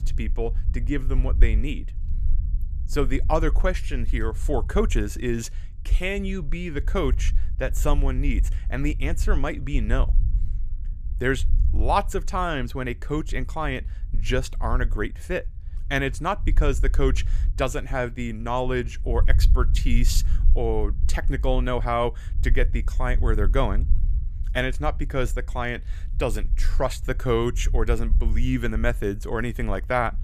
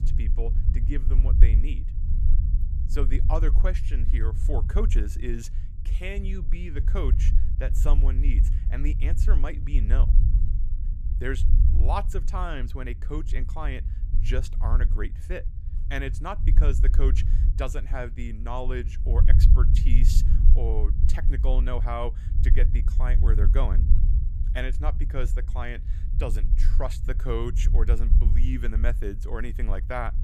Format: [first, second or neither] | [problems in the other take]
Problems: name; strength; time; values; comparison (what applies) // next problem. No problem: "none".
first | low rumble; loud; throughout; 9 dB below the speech; faint in the first